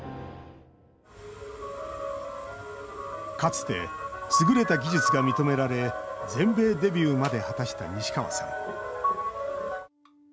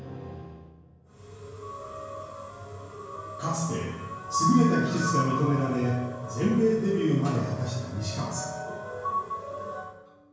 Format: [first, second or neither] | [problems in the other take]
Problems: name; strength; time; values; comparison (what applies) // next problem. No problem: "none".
first | room echo; dies away in 1 s